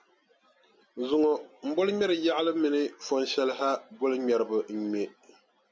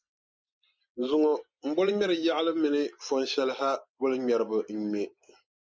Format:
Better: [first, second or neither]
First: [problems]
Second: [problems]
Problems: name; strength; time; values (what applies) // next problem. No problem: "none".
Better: first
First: none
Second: noise reduction (neural mask model Resemble Enhance denoiser)